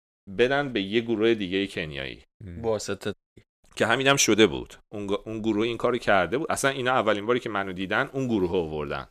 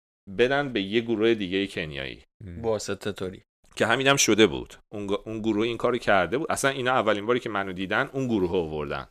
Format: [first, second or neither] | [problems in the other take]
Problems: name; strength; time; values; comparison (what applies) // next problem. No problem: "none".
second | audio cutting out; at 3 s